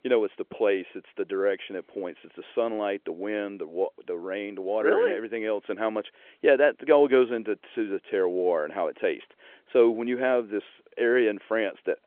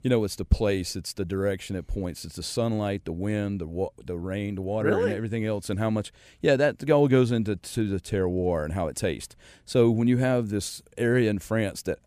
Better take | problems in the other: second | phone-call audio

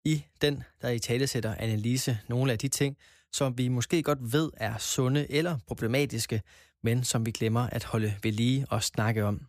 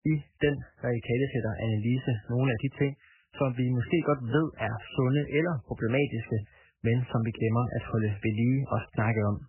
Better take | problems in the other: first | garbled, watery; badly; nothing above 3 kHz

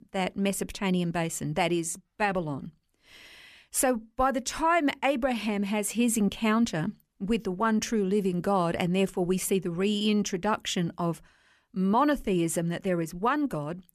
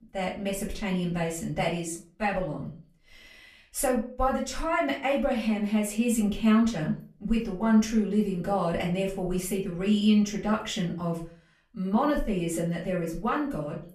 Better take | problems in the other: first | off-mic speech; far // room echo; slight; dies away in 0.3 s

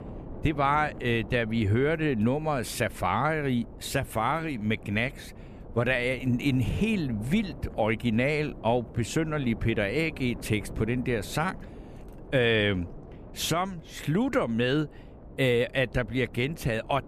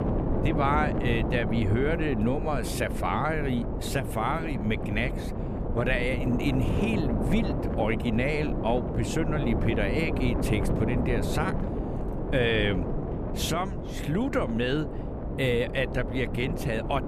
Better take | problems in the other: first | wind noise on the microphone; heavy; 5 dB below the speech; occasional gusts in the first

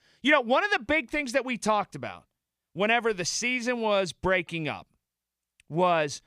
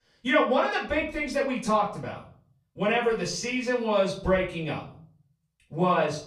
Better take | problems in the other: first | room echo; slight; dies away in 0.5 s // off-mic speech; far

